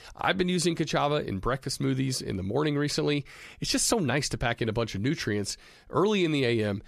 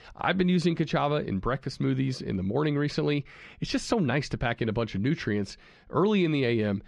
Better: first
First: none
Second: muffled; very slightly; fading above 3.5 kHz

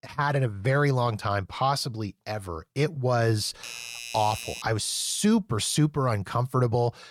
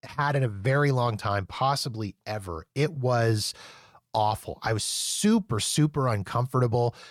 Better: second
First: doorbell; noticeable; from 3.5 to 4.5 s; peak 9 dB below the speech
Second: none

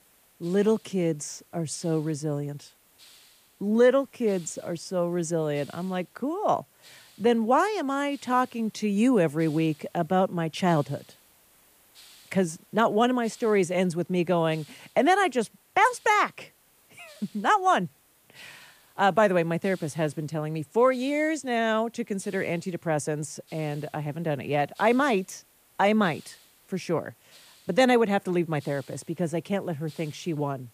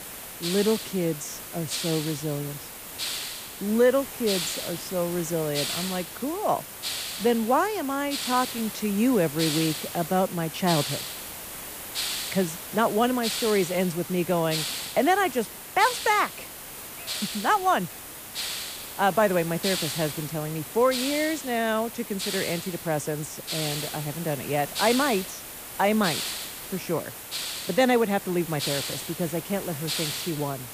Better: first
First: hiss; faint; throughout; 30 dB below the speech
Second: hiss; loud; throughout; 5 dB below the speech

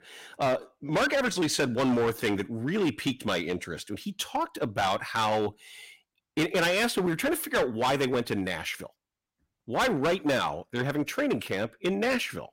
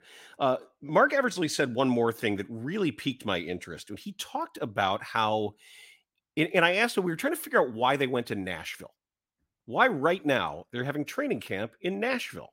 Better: second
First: distortion; heavy; 11% of the sound clipped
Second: none

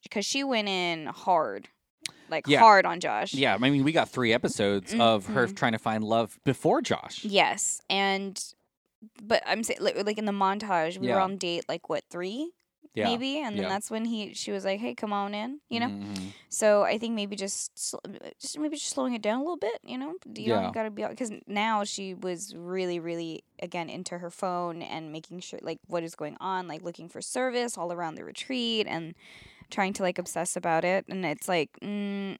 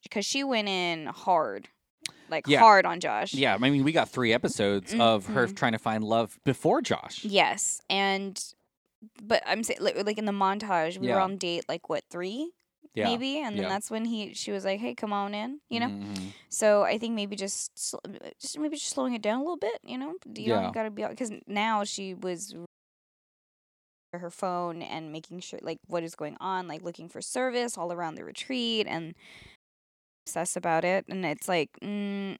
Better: first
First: none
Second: audio cutting out; at 23 s for 1.5 s and at 30 s for 0.5 s

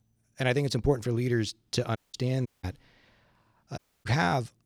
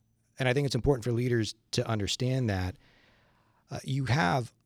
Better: second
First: audio cutting out; at 2 s, at 2.5 s and at 4 s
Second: none

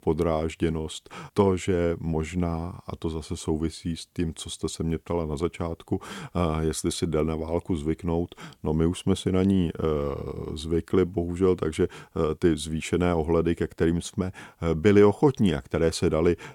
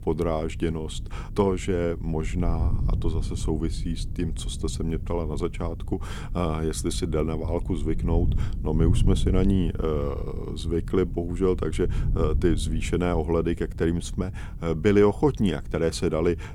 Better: first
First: none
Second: wind noise on the microphone; occasional gusts; 15 dB below the speech

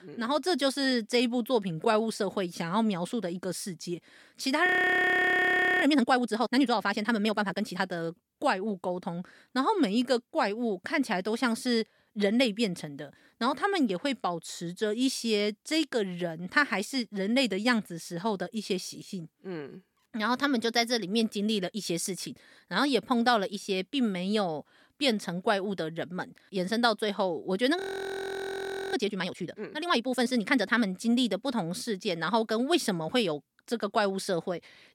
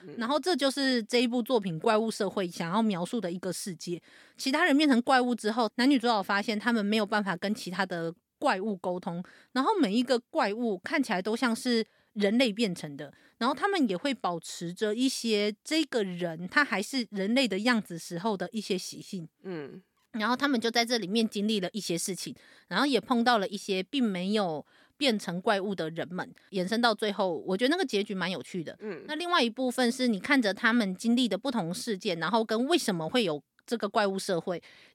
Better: second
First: audio freezing; at 4.5 s for 1 s and at 28 s for 1 s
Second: none

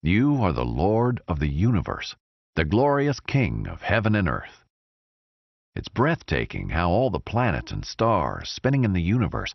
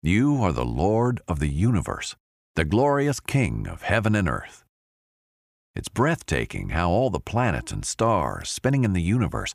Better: second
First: garbled, watery; slightly; nothing above 6 kHz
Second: none

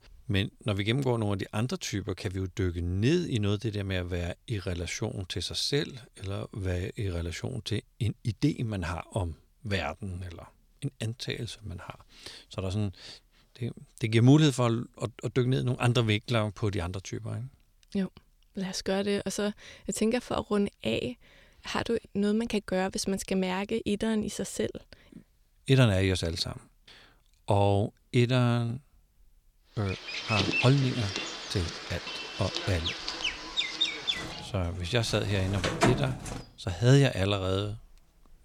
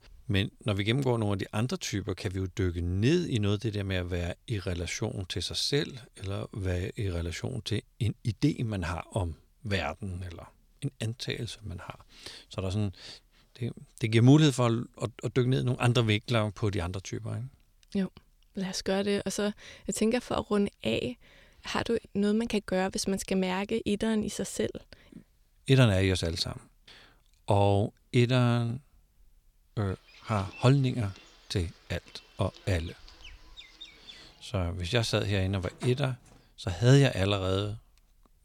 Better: second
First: animal sounds; loud; from 30 s on; 2 dB below the speech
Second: animal sounds; faint; from 30 s on; 20 dB below the speech

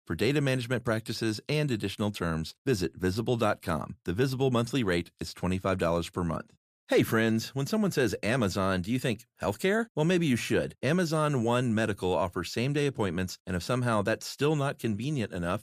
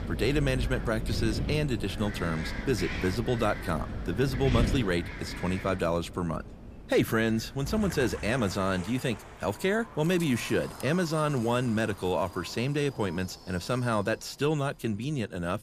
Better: first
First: none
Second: wind in the background; loud; throughout; 9 dB below the speech

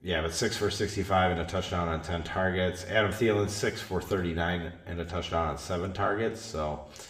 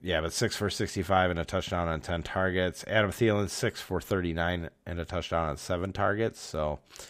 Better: second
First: room echo; slight; dies away in 0.8 s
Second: none

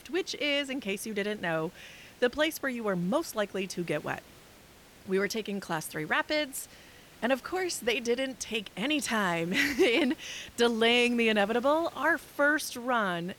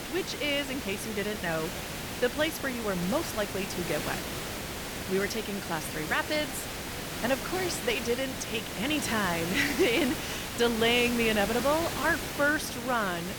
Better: first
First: hiss; faint; throughout; 25 dB below the speech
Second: hiss; loud; throughout; 5 dB below the speech

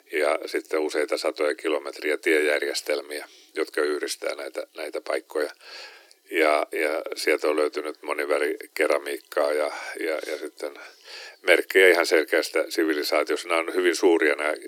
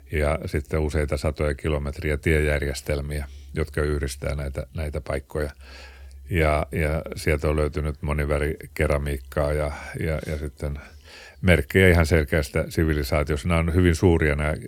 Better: second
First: thin; very; fading below 300 Hz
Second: none

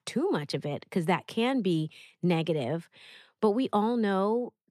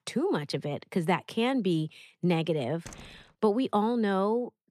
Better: first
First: none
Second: door banging; faint; at 3 s; peak 20 dB below the speech

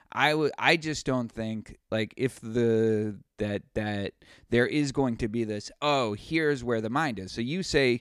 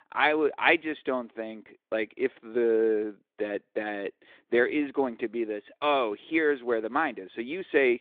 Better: first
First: none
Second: phone-call audio

